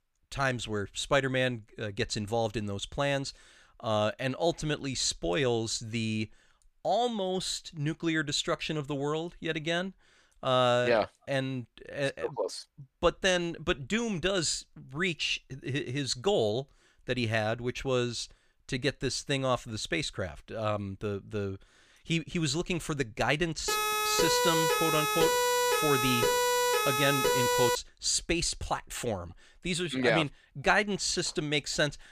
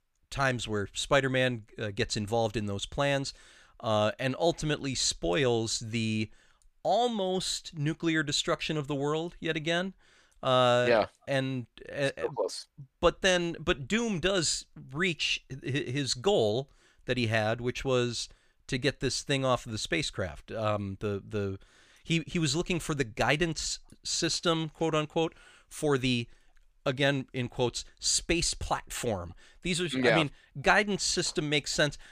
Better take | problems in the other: second | siren; loud; from 24 to 28 s; peak 5 dB above the speech

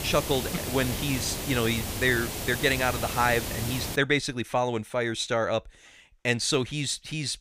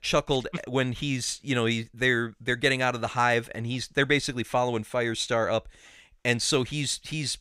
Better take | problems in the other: second | hiss; loud; until 4 s; 5 dB below the speech

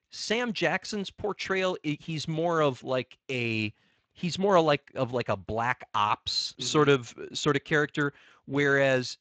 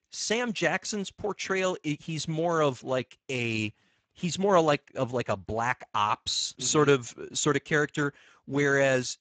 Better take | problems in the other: first | garbled, watery; badly; nothing above 7.5 kHz; slightly in the first

